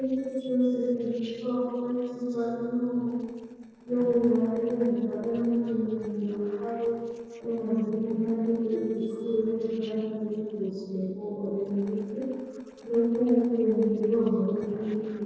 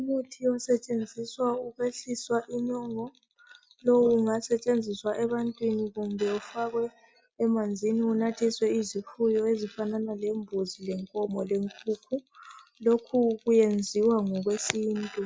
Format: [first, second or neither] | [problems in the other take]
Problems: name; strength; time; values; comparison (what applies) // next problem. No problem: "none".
second | noise reduction (neural separator model SepFormer DNS4)